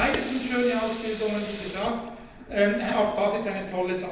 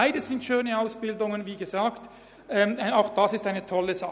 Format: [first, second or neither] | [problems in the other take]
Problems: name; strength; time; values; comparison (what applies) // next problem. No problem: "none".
second | background sound (Sink (filling or washing) / Water tap, faucet); 14 dB below the speech // room echo; dies away in 0.9 s